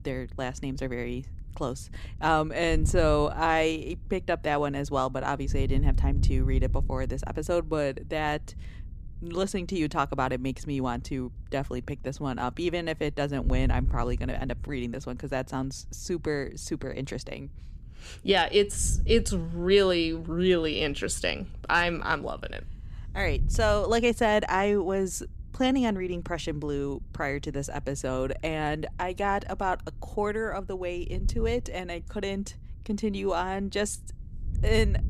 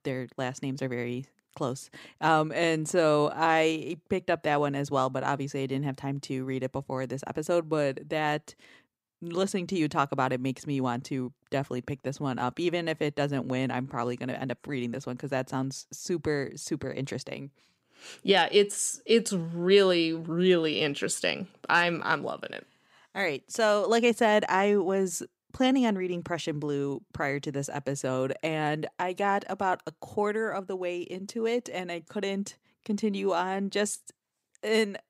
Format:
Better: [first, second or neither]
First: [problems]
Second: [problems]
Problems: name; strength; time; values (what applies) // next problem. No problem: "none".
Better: second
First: wind noise on the microphone; occasional gusts; 25 dB below the speech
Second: none